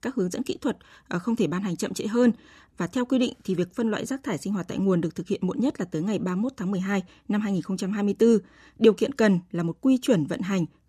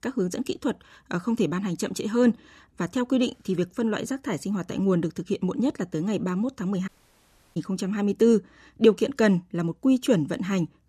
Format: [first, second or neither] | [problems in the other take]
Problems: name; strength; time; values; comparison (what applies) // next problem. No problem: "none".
first | audio cutting out; at 7 s for 0.5 s